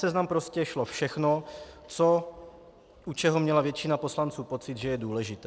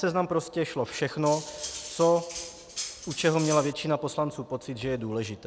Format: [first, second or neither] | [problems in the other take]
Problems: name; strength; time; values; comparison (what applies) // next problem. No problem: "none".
first | background sound (Cutlery, silverware); 10 dB below the speech